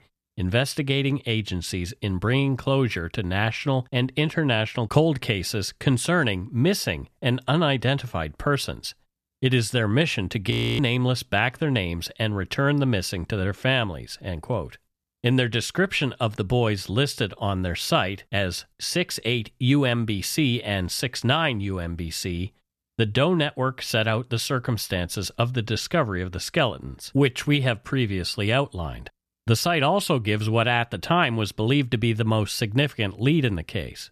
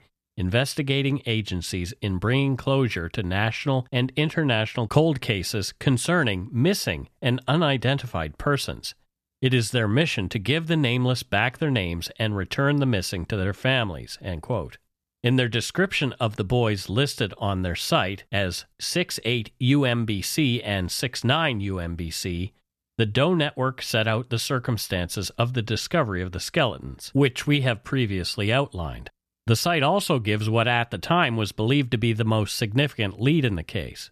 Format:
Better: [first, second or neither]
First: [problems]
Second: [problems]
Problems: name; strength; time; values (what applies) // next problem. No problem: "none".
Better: second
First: audio freezing; at 11 s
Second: none